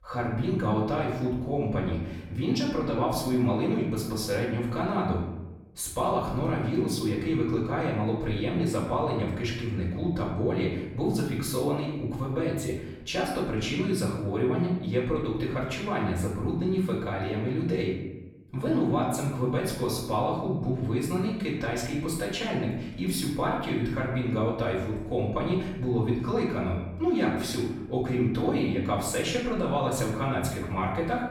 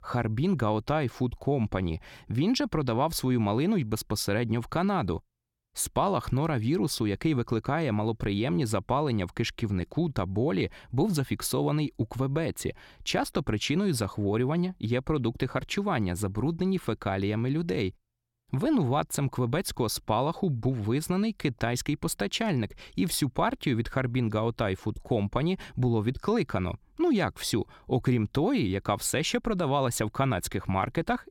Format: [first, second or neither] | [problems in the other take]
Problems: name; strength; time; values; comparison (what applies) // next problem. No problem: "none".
second | off-mic speech; far // room echo; noticeable; dies away in 0.8 s